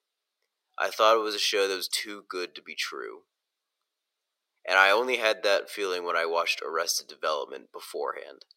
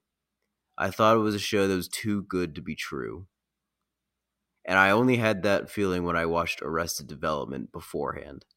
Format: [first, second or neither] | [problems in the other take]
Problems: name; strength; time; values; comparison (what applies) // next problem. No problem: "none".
second | thin; very; fading below 450 Hz